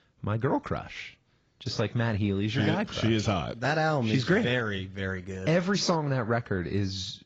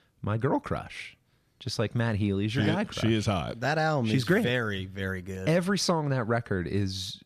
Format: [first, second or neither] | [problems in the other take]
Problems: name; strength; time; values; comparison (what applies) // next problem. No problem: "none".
second | garbled, watery; badly